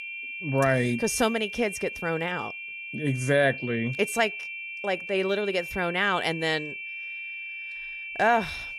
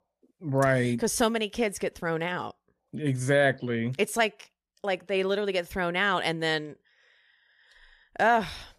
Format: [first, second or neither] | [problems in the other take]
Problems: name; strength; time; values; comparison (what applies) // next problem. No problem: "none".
second | high-pitched whine; loud; throughout; 2.5 kHz, 8 dB below the speech